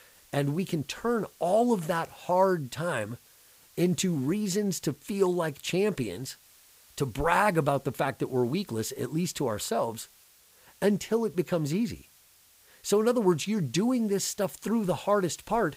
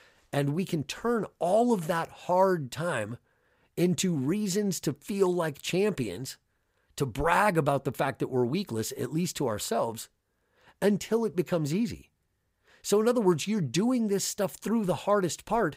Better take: second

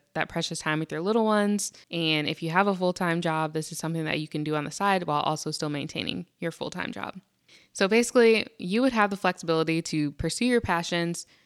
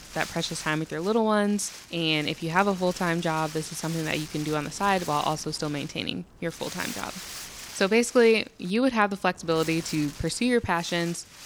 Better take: first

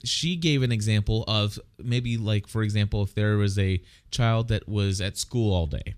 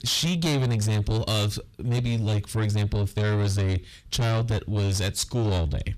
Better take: first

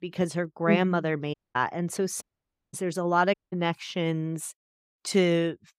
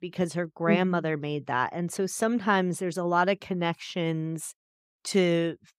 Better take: second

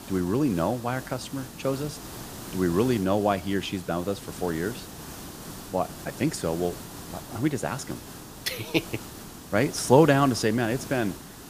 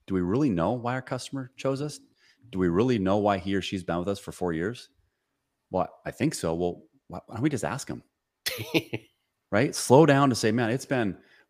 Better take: second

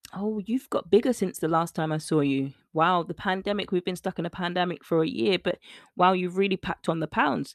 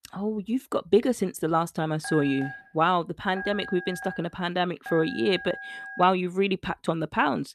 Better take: first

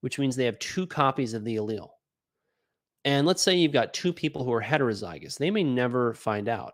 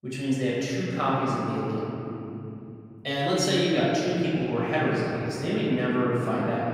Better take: first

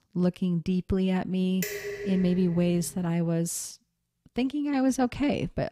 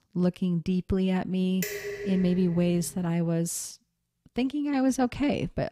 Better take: neither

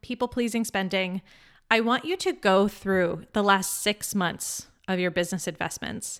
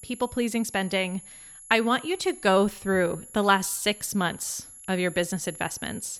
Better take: first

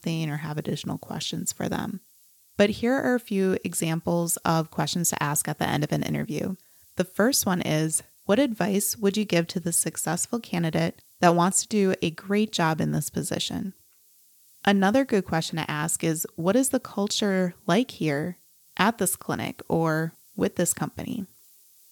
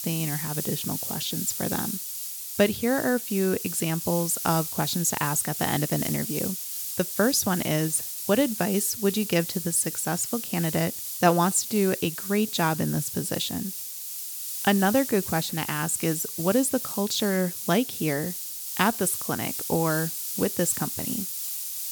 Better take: first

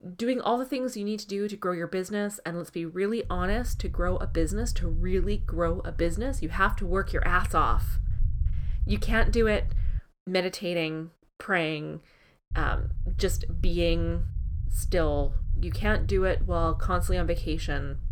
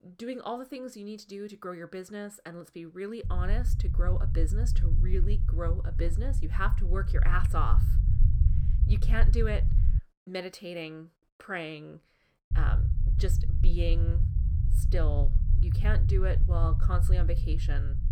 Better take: first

